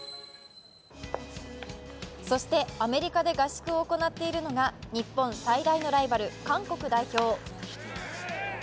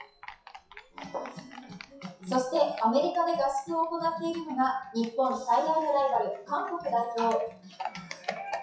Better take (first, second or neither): first